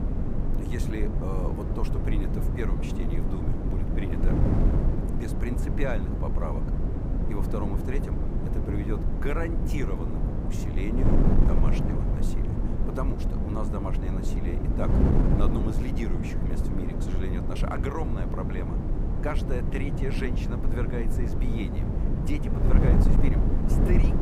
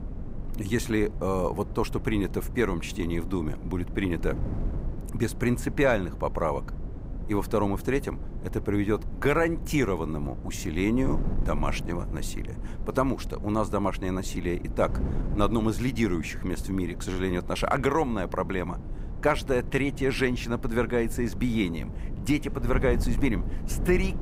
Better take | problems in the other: second | wind noise on the microphone; heavy; 1 dB above the speech; occasional gusts in the second

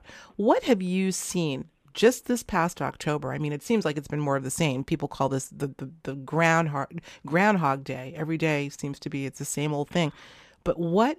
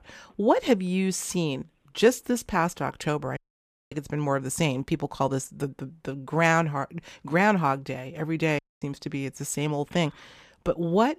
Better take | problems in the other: first | audio cutting out; at 3.5 s for 0.5 s and at 8.5 s

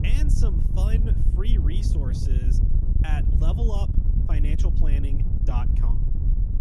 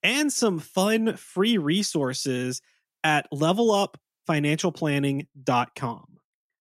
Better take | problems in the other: second | wind noise on the microphone; heavy; 1 dB below the speech

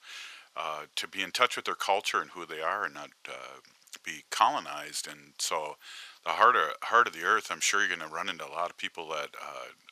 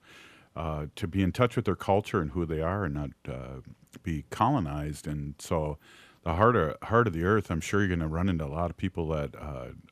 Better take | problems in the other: second | thin; very; fading below 950 Hz

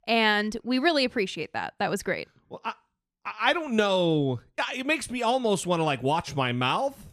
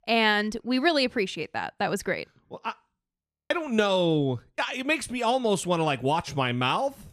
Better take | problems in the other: first | audio freezing; at 3 s

